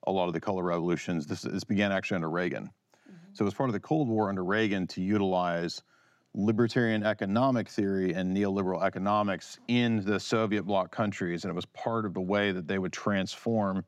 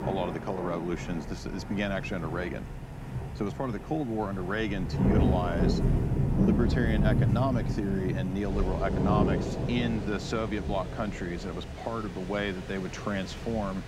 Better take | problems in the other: first | rain or running water; very loud; throughout; 1 dB above the speech

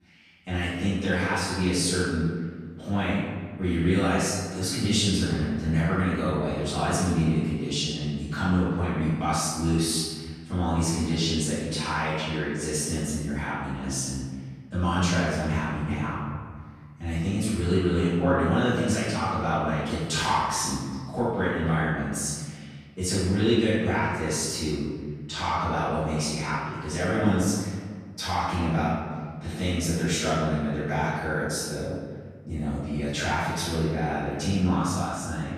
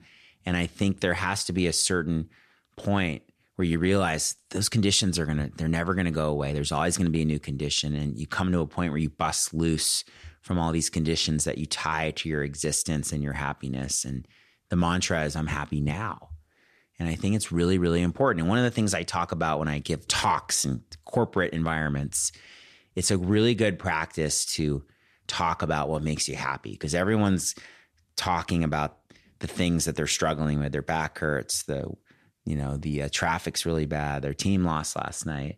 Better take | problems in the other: second | off-mic speech; far // room echo; strong; dies away in 1.5 s

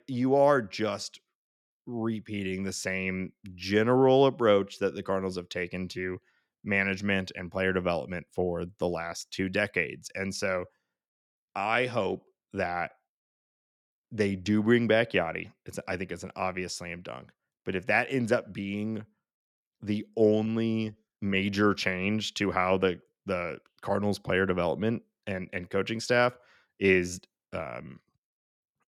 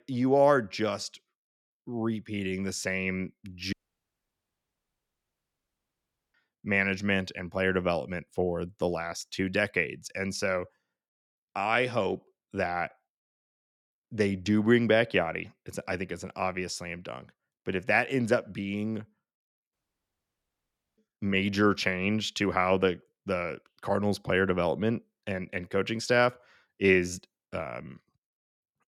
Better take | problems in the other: first | audio cutting out; at 3.5 s for 2.5 s and at 20 s for 1.5 s

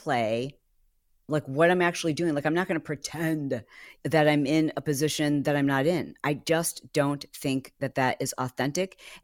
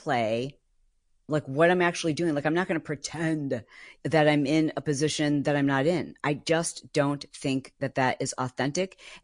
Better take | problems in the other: first | garbled, watery; slightly; nothing above 10 kHz

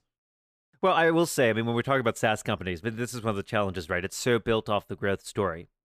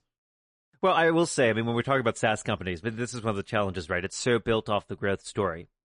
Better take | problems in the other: first | garbled, watery; slightly; nothing above 10.5 kHz

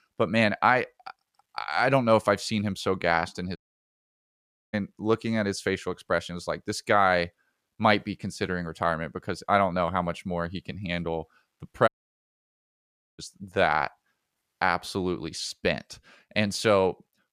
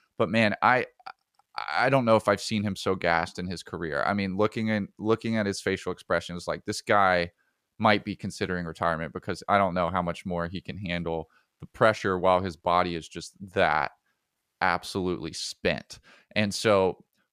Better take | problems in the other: second | audio cutting out; at 3.5 s for 1 s and at 12 s for 1.5 s

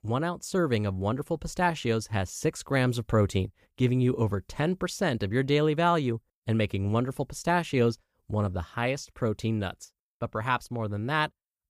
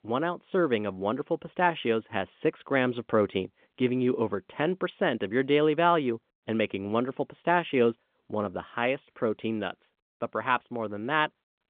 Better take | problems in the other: first | phone-call audio

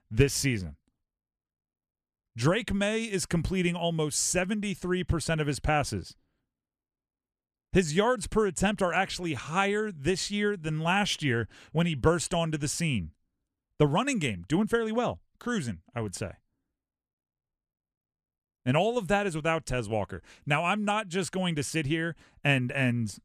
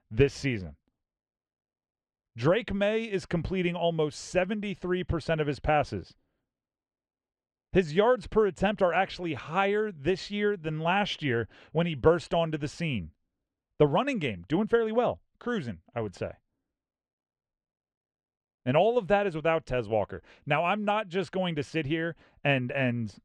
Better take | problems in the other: first | muffled; slightly; fading above 3.5 kHz

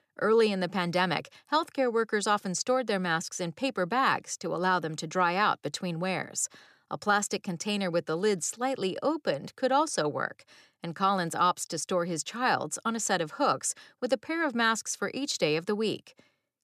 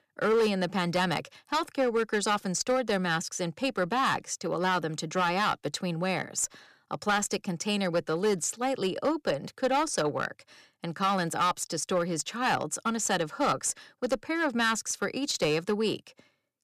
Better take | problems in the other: first | distortion; slight; 5% of the sound clipped

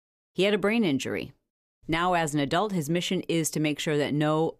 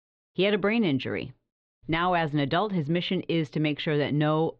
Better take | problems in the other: first | muffled; slightly; fading above 4 kHz

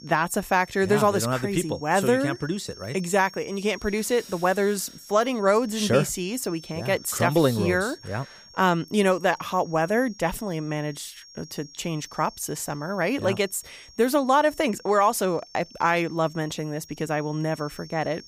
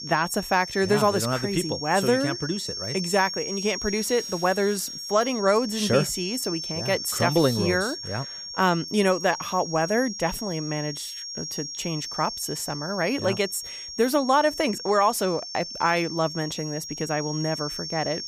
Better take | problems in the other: first | high-pitched whine; loud; throughout; 5.5 kHz, 7 dB below the speech; faint in the first

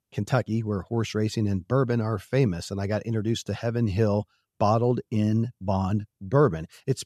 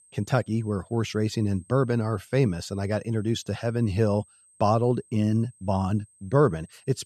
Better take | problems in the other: first | high-pitched whine; faint; throughout; 8.5 kHz, 30 dB below the speech

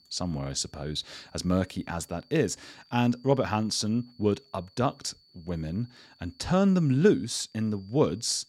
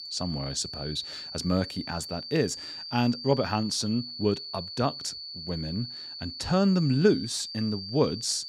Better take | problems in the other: first | high-pitched whine; loud; throughout; 4.5 kHz, 8 dB below the speech; faint in the first

